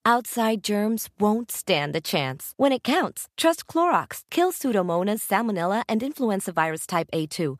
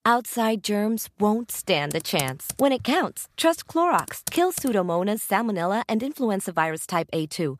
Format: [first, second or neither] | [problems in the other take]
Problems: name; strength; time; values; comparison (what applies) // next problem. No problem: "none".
first | keyboard typing; noticeable; from 2 to 4.5 s; peak 7 dB below the speech